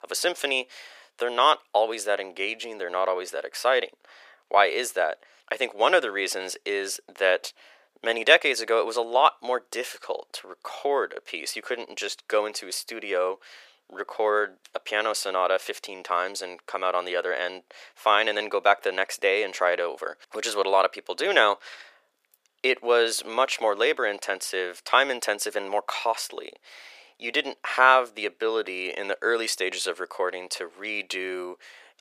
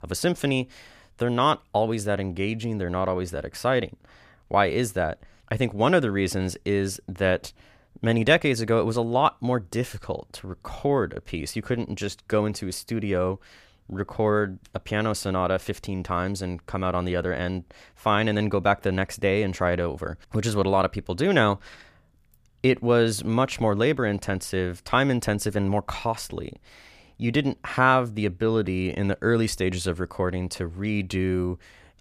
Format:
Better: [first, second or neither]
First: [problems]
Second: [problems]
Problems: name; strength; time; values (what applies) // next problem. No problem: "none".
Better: second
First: thin; very; fading below 450 Hz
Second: none